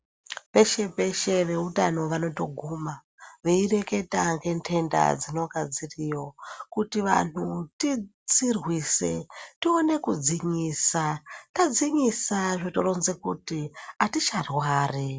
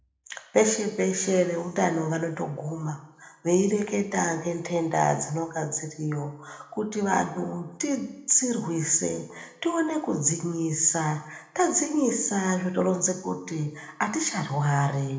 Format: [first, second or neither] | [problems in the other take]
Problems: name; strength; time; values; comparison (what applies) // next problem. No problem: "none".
first | room echo; dies away in 0.7 s